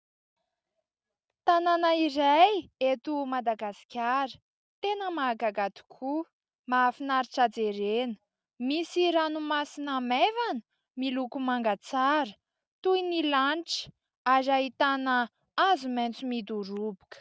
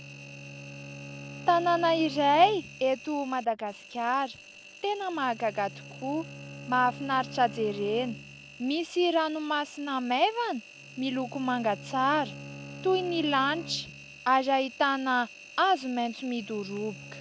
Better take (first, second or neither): first